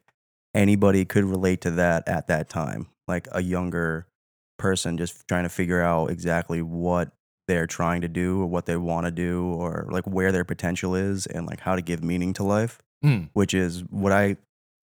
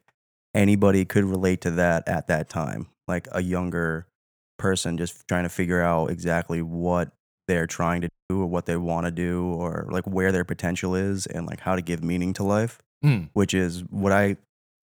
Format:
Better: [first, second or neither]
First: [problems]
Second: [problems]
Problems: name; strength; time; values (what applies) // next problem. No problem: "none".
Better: first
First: none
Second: audio cutting out; at 8 s